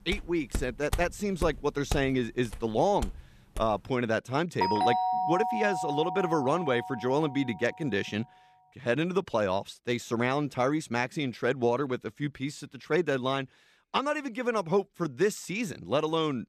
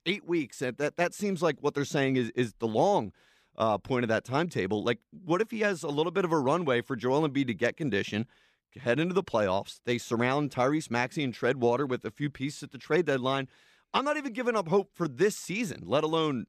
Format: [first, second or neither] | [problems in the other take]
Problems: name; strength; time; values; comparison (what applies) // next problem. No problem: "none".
second | footsteps; noticeable; until 3.5 s; peak 8 dB below the speech // doorbell; loud; from 4.5 to 7 s; peak 3 dB above the speech